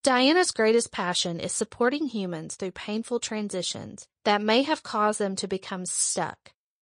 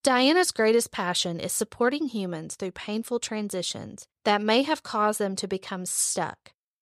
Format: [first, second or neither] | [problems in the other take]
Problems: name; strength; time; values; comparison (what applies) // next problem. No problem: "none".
second | garbled, watery; slightly